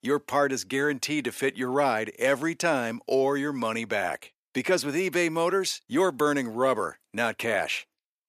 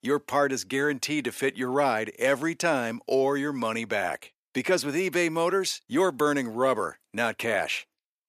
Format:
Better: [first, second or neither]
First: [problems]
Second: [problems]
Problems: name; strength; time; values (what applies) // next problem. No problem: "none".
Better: neither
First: thin; somewhat; fading below 400 Hz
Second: thin; somewhat; fading below 400 Hz